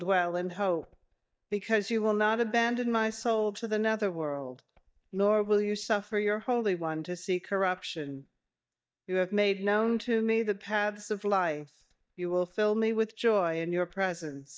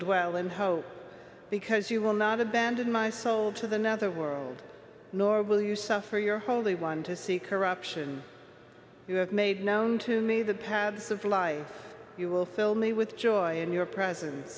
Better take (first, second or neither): second